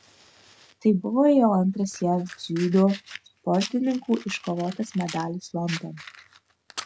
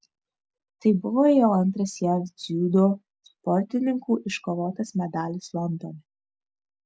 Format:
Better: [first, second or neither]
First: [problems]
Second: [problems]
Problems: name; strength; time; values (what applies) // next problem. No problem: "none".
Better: second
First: background sound (Fire); 18 dB below the speech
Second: none